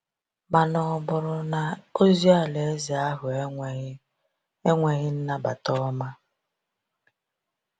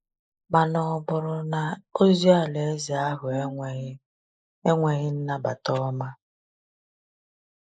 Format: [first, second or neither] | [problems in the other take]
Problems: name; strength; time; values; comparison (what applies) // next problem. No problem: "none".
first | noise reduction (neural mask model Resemble Enhance denoiser)